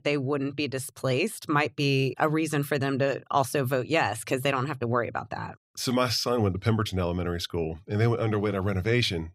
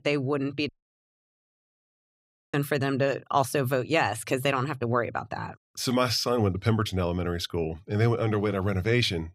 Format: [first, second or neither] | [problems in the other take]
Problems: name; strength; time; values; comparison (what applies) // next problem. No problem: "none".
first | audio cutting out; at 0.5 s for 2 s